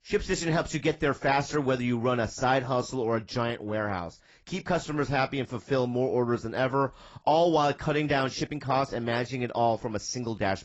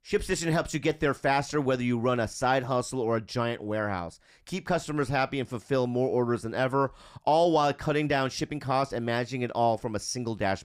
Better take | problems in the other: second | garbled, watery; badly; nothing above 7.5 kHz

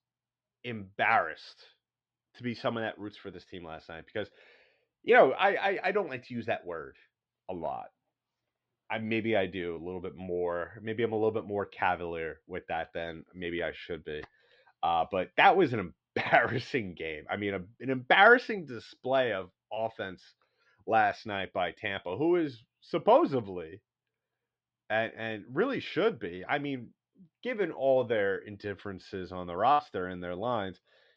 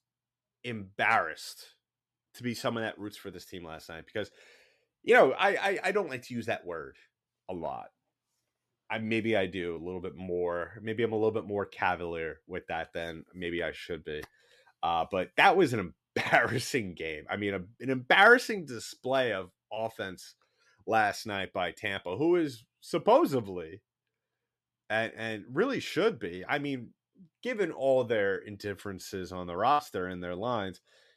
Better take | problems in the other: second | muffled; slightly; fading above 4 kHz

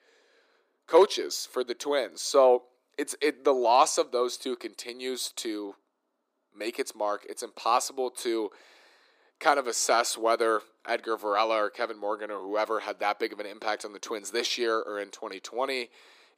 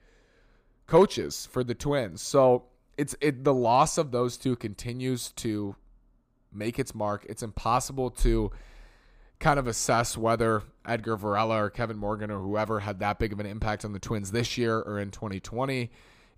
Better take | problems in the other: second | thin; somewhat; fading below 350 Hz

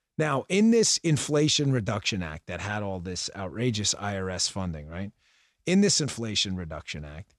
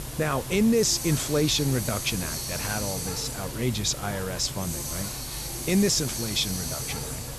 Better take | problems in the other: first | hiss; loud; throughout; 5 dB below the speech

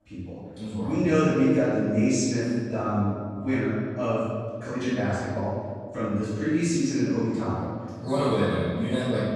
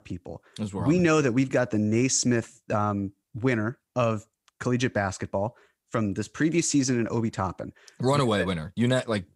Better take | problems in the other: second | off-mic speech; far // room echo; strong; dies away in 1.9 s

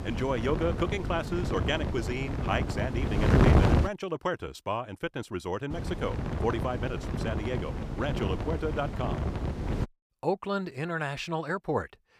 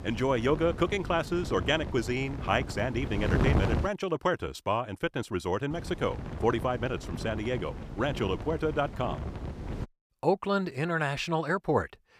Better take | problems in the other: second | wind noise on the microphone; heavy; until 4 s and from 5.5 to 10 s; 3 dB below the speech; occasional gusts in the second

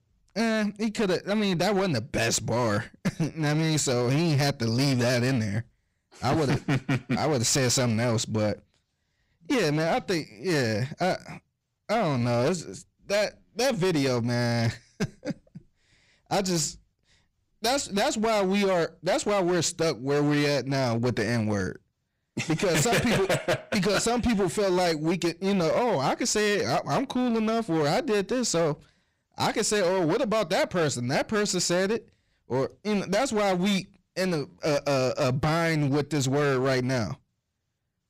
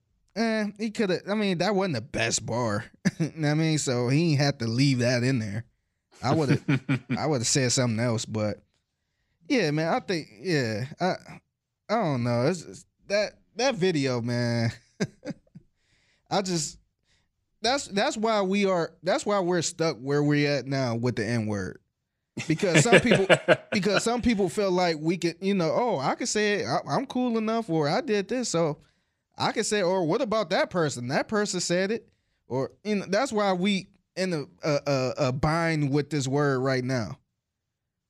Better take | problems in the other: second | distortion; heavy; 17% of the sound clipped

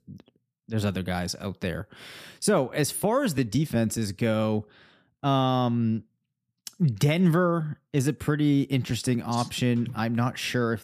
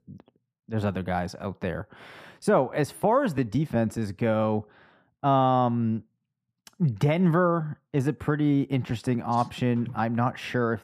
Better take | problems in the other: first | muffled; slightly; fading above 3 kHz

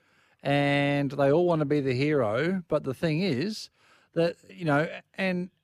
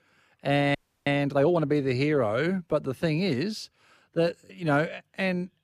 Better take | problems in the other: first | audio freezing; at 1 s

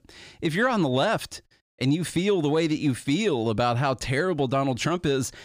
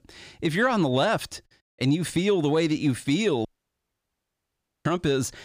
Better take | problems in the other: first | audio cutting out; at 3.5 s for 1.5 s

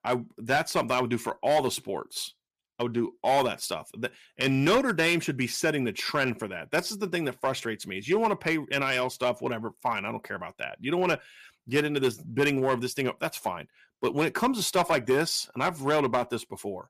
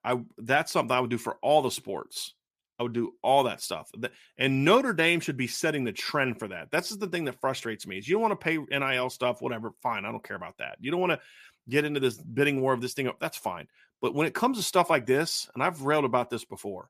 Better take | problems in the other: second | distortion; slight; 3% of the sound clipped

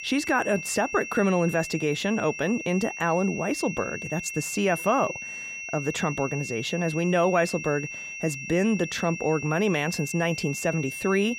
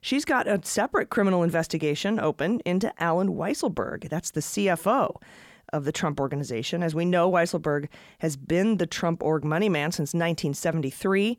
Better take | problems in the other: second | high-pitched whine; loud; throughout; 2.5 kHz, 8 dB below the speech

